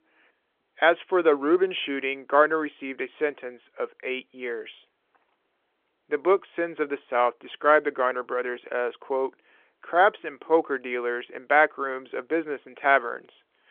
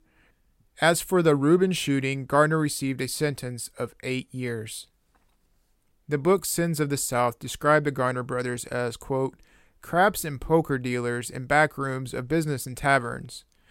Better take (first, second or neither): second